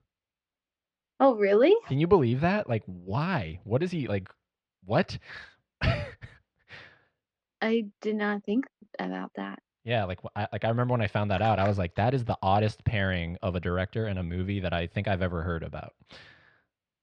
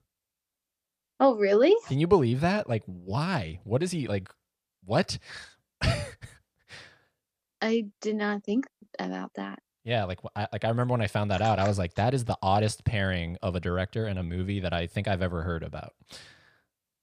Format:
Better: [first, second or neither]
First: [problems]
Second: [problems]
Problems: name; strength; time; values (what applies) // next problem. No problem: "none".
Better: second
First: muffled; slightly; fading above 3 kHz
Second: none